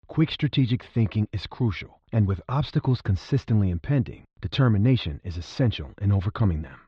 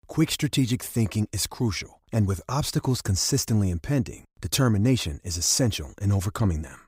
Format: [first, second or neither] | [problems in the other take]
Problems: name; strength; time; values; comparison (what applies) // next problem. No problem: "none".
second | muffled; very; fading above 4 kHz